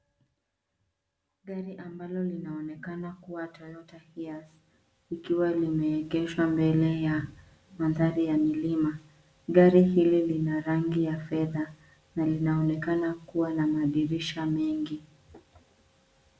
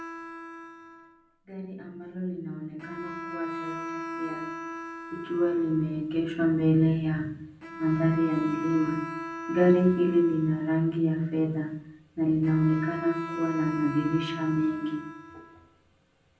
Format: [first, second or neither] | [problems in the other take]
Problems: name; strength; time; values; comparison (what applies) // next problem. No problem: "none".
first | background sound (Bowed string instrument); 11 dB below the speech // room echo; dies away in 0.6 s